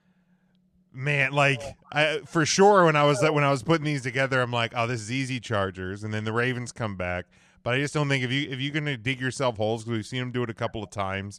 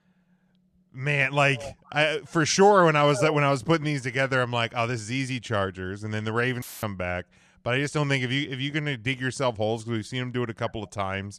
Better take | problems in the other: first | audio cutting out; filled with static; at 6.5 s

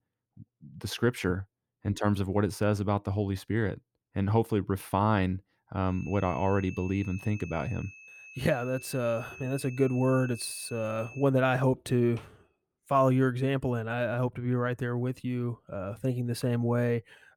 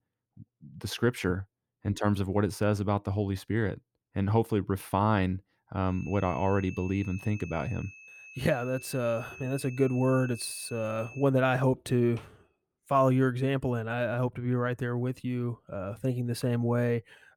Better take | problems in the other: neither | high-pitched whine; noticeable; from 6 to 11 s; 2.5 kHz, 15 dB below the speech; the same in both

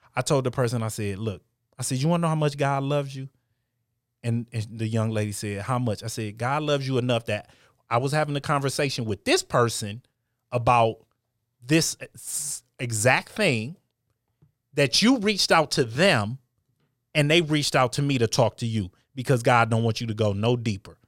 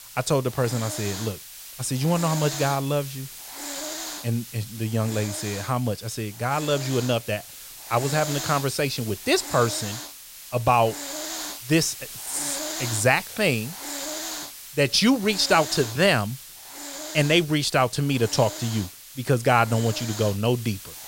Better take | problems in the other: first | hiss; loud; throughout; 10 dB below the speech

